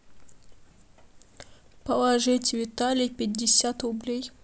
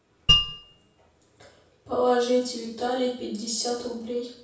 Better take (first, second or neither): first